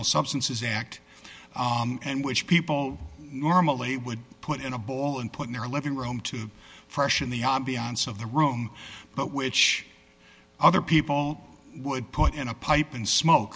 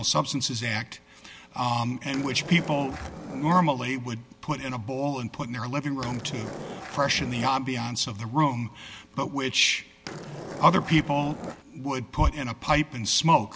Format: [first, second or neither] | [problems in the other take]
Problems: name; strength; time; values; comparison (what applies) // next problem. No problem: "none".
first | background sound (Skateboard); 11 dB below the speech